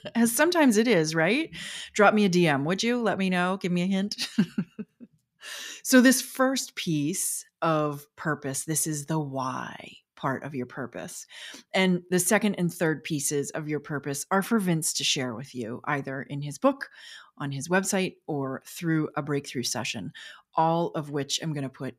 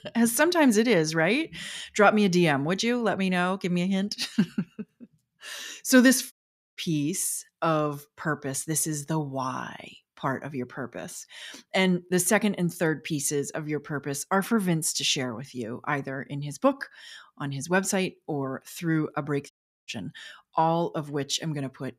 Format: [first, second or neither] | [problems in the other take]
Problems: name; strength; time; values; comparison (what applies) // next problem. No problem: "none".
first | audio cutting out; at 6.5 s and at 20 s